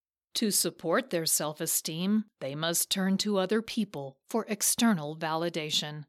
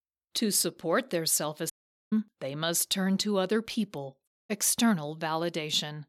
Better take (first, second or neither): first